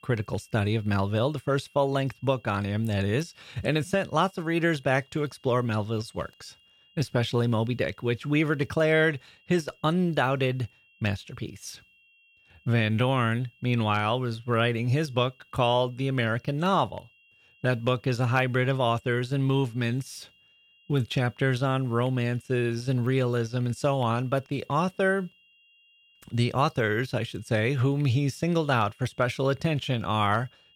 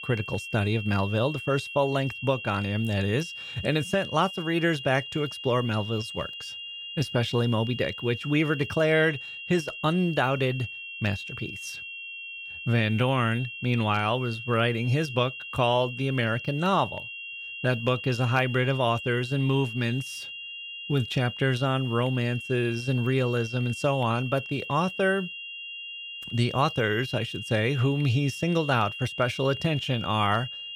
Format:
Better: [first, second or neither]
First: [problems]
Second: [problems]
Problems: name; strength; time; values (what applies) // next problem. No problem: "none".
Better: first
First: high-pitched whine; faint; throughout; 2.5 kHz, 30 dB below the speech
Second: high-pitched whine; loud; throughout; 2.5 kHz, 9 dB below the speech